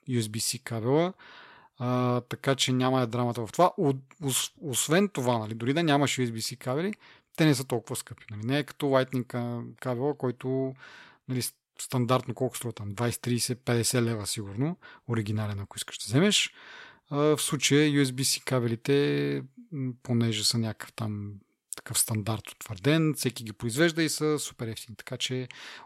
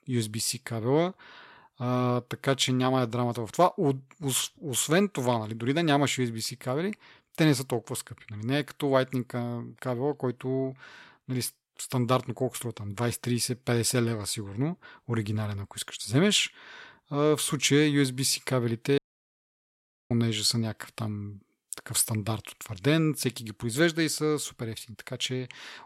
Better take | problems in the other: first | audio cutting out; at 19 s for 1 s

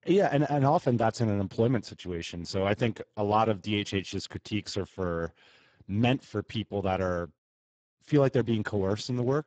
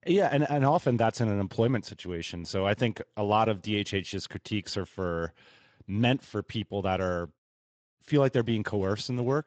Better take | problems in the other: second | garbled, watery; badly; nothing above 7.5 kHz; slightly in the second

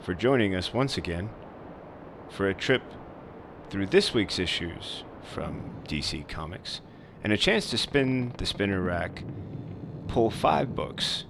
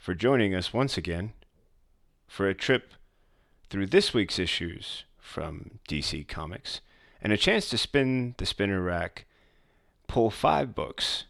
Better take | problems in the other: second | train or aircraft noise; noticeable; throughout; 15 dB below the speech

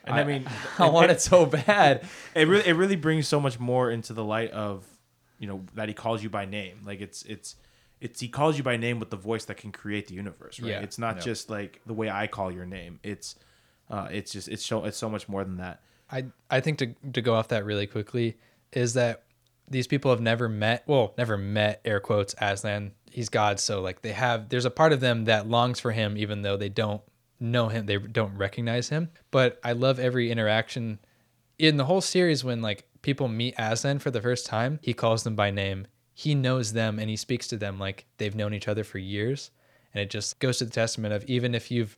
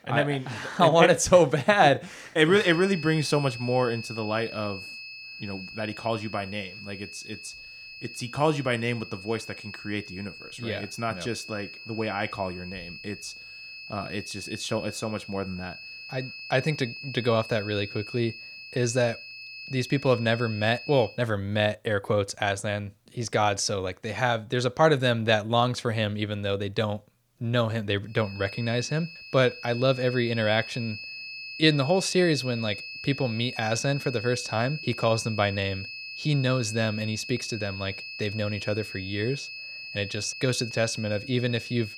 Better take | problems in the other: first | high-pitched whine; noticeable; from 2.5 to 21 s and from 28 s on; 2.5 kHz, 10 dB below the speech

